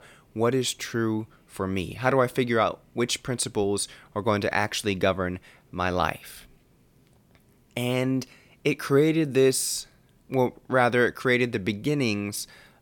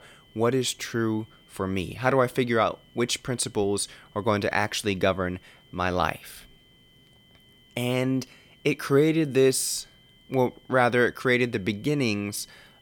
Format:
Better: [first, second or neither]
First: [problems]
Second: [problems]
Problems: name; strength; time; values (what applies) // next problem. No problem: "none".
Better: first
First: none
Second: high-pitched whine; faint; throughout; 3 kHz, 30 dB below the speech